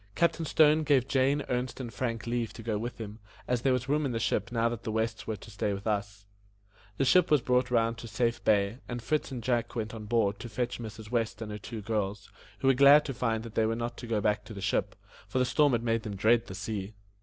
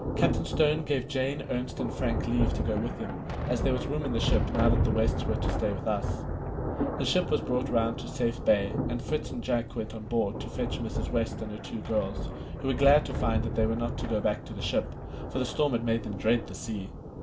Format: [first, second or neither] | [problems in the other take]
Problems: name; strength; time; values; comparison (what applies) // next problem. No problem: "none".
first | background sound (Thunder); 2 dB below the speech // room echo; dies away in 0.3 s